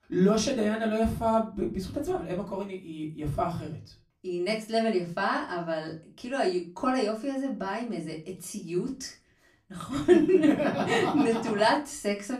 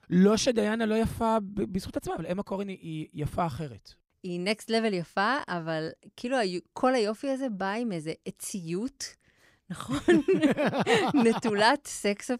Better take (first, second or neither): second